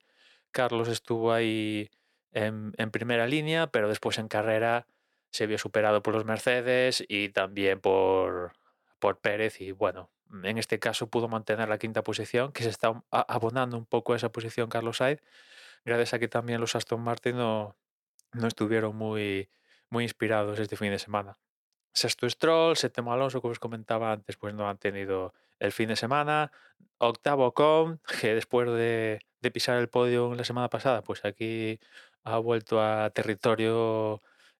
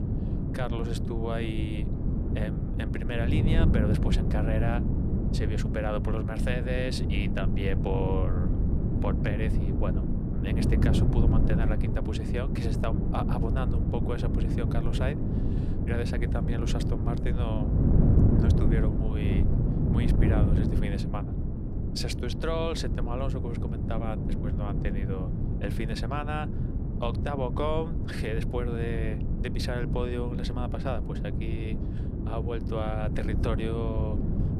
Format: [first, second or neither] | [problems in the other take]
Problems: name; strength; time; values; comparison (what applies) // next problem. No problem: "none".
first | wind noise on the microphone; heavy; 2 dB below the speech